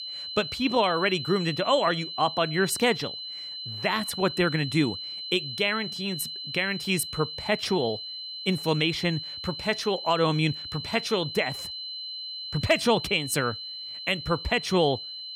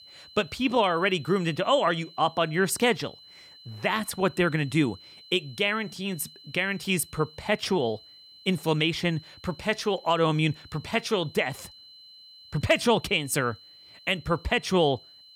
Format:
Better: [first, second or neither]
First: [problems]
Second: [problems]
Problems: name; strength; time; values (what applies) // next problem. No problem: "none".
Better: second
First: high-pitched whine; loud; throughout; 4 kHz, 7 dB below the speech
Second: high-pitched whine; faint; throughout; 4 kHz, 20 dB below the speech